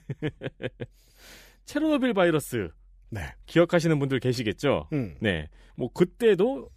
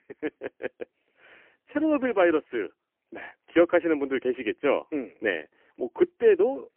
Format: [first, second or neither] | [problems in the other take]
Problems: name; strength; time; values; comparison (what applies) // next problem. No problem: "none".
first | phone-call audio; poor line; nothing above 3 kHz